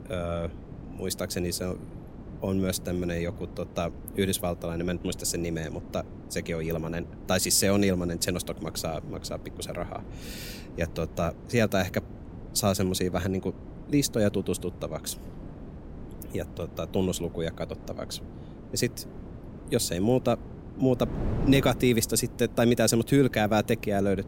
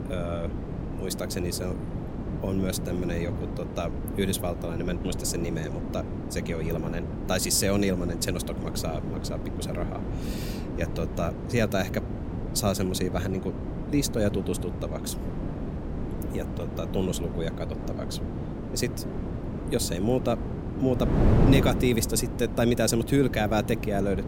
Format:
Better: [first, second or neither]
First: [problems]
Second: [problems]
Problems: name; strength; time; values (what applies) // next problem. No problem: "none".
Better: first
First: wind noise on the microphone; occasional gusts; 15 dB below the speech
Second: wind noise on the microphone; heavy; 7 dB below the speech